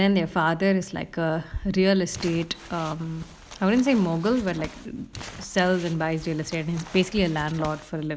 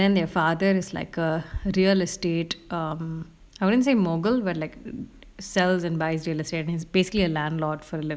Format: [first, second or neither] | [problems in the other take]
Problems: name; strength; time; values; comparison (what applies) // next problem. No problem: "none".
second | background sound (Crumpling, crinkling); 17 dB below the speech